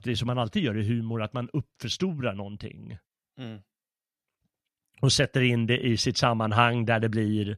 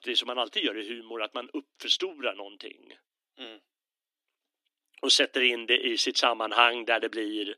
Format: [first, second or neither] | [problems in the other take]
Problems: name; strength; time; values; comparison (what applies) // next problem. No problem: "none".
first | thin; very; fading below 300 Hz